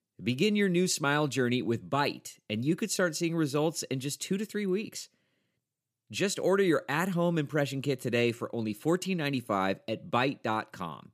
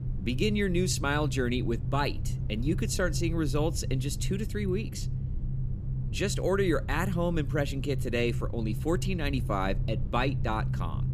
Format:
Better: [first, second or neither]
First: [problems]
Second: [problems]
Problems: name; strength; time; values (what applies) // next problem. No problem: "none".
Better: first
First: none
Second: low rumble; noticeable; throughout; 15 dB below the speech